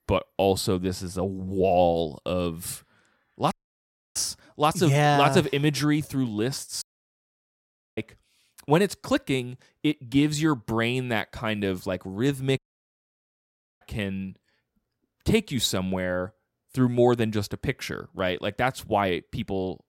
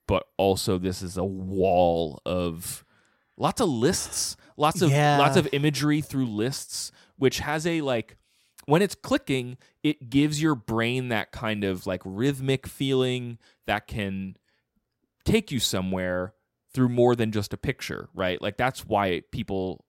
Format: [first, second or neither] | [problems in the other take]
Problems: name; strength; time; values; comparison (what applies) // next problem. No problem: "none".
second | audio cutting out; at 3.5 s for 0.5 s, at 7 s for 1 s and at 13 s for 1 s